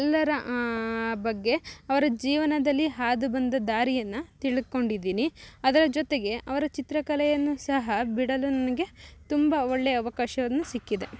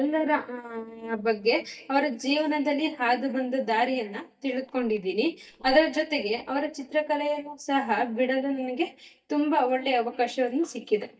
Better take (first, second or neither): first